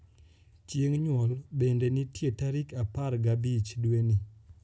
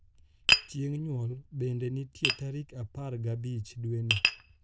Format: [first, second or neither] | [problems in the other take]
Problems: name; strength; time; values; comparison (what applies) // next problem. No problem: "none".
first | noise reduction (neural diffusion model UNIVERSE++)